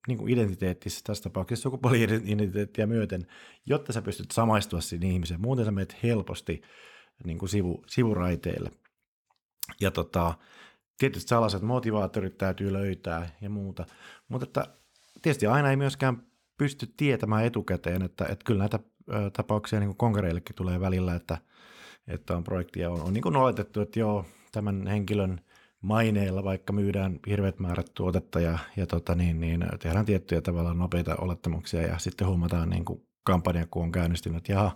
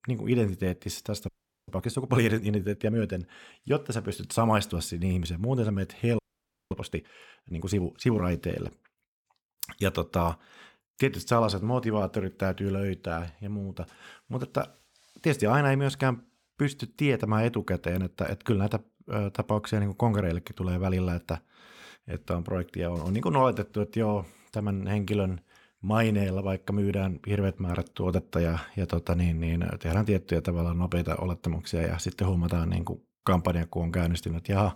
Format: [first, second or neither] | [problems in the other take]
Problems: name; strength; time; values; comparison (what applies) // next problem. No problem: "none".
first | audio freezing; at 1.5 s and at 6 s for 0.5 s